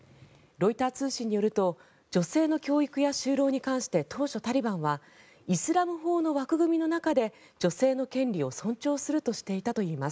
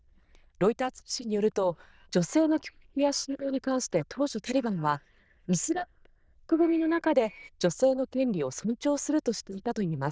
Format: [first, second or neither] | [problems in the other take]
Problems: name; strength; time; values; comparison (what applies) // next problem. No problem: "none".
first | noise reduction (neural diffusion model UNIVERSE++)